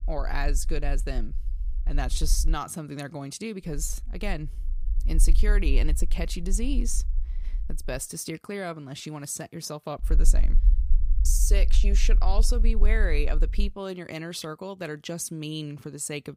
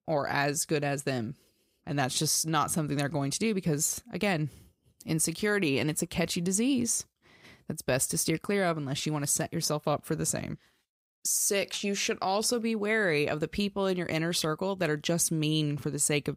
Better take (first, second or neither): second